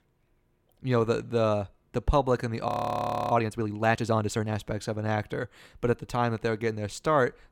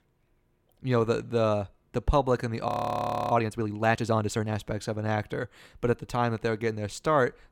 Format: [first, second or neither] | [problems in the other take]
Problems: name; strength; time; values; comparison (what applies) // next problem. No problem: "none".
neither | audio freezing; at 2.5 s for 0.5 s; the same in both